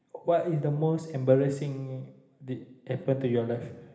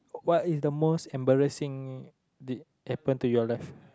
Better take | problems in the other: second | room echo; dies away in 1.1 s

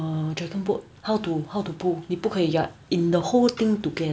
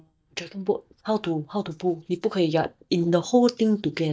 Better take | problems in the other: first | noise reduction (neural mask model DeepFilterNet 3)

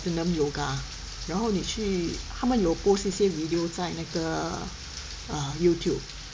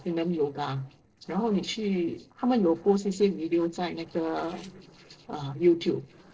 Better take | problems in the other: first | noise reduction (neural separator model SepFormer DNS4)

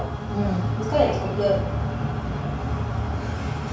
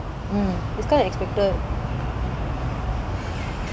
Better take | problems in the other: second | background sound (Bowed string instrument); 18 dB below the speech // room echo; dies away in 0.5 s

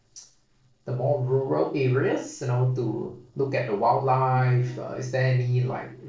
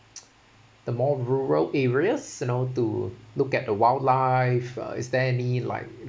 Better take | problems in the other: second | noise reduction (neural separator model SepFormer DNS4)

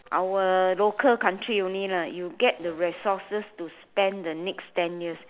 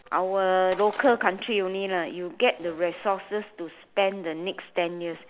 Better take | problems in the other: first | background sound (Shatter); 18 dB below the speech

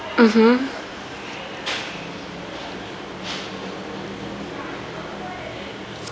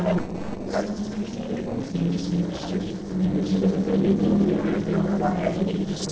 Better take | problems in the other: first | noise reduction (neural separator model SepFormer DNS4)

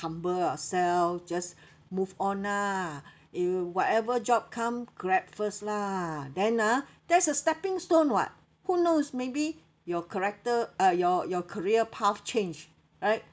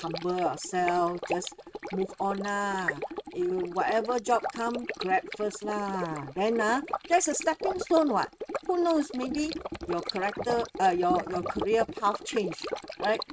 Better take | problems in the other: first | noise reduction (neural mask model RNNoise)

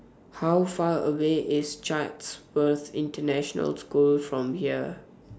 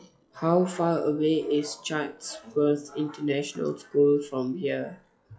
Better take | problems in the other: first | noise reduction (classical method log-MMSE)

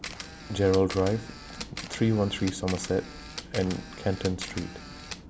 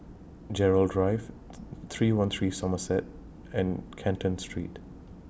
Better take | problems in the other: second | background sound (Camera); 13 dB below the speech

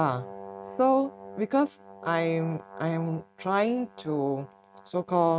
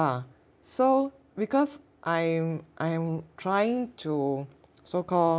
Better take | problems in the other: second | noise reduction (neural mask model RNNoise)

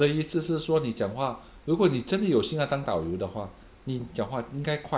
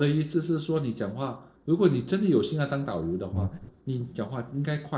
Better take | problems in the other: first | noise reduction (neural separator model SepFormer DNS4)

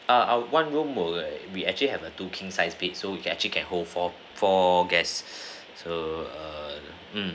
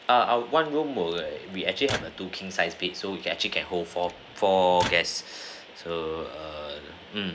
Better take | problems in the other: first | background sound (Microwave oven); 14 dB below the speech

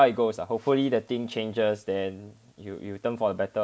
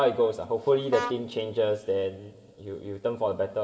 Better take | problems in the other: first | background sound (Vehicle horn, car horn, honking); 11 dB below the speech // room echo; dies away in 1.5 s

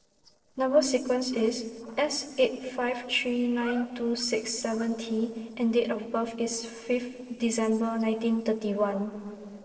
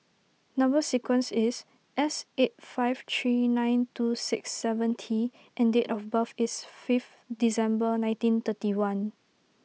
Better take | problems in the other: second | noise reduction (neural separator model SepFormer DNS4)

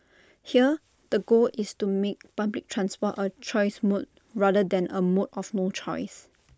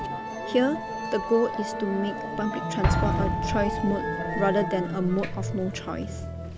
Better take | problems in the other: first | background sound (Musical instrument + Explosion); 1 dB below the speech

